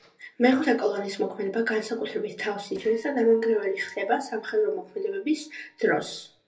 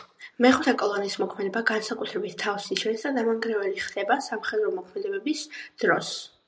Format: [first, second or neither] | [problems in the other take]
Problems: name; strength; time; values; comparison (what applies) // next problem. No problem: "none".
second | noise reduction (neural separator model SepFormer DNS4)